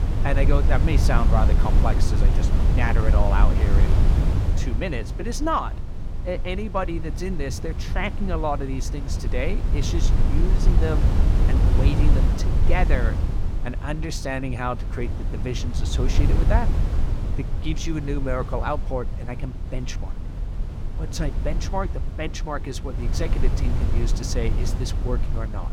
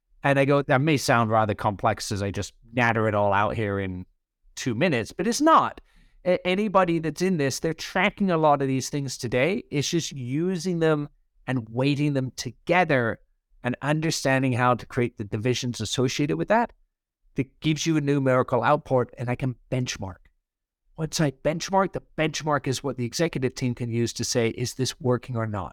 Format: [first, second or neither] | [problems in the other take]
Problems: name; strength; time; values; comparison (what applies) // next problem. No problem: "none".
second | wind noise on the microphone; heavy; 7 dB below the speech